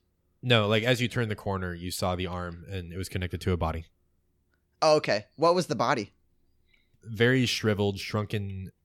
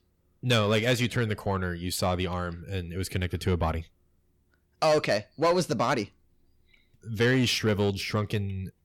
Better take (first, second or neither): first